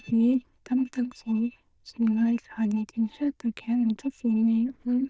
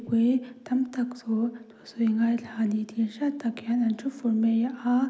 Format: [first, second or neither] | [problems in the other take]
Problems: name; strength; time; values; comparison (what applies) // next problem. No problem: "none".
second | noise reduction (neural diffusion model UNIVERSE++)